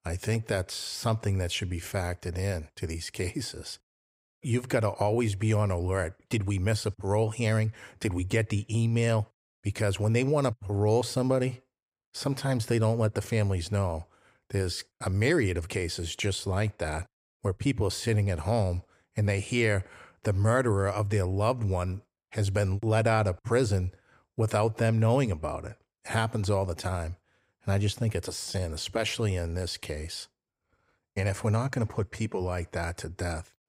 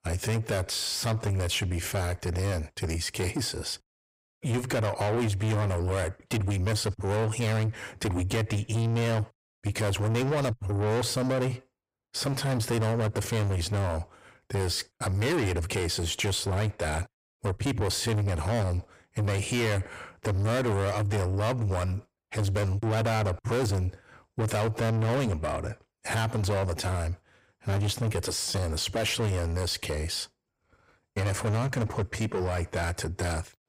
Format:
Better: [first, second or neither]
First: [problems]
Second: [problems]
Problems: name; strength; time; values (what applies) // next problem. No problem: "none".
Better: first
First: none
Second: distortion; heavy; 7 dB below the speech